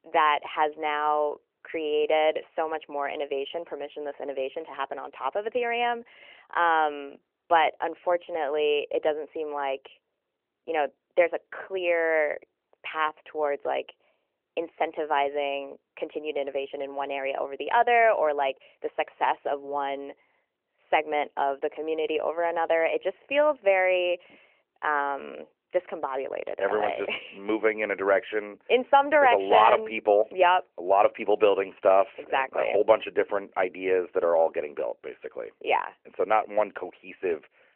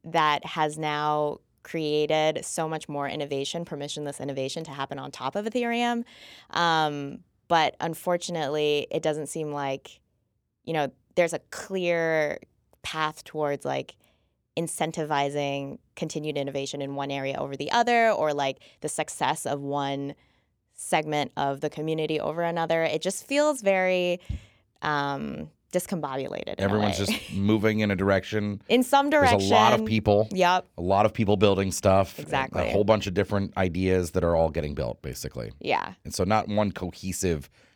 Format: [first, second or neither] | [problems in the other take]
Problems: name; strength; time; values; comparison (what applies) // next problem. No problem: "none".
second | phone-call audio; nothing above 3 kHz